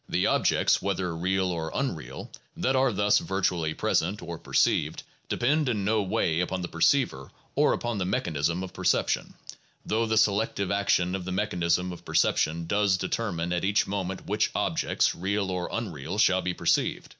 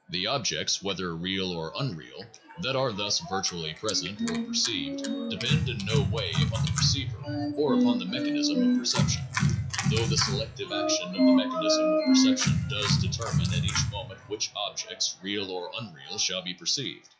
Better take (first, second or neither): first